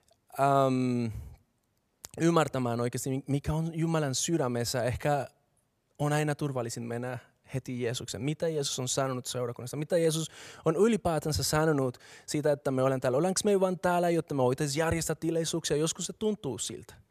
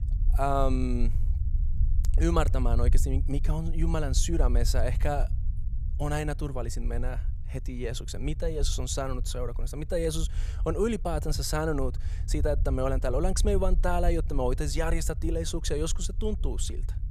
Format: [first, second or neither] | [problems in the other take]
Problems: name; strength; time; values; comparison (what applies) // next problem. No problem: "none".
first | low rumble; noticeable; throughout; 20 dB below the speech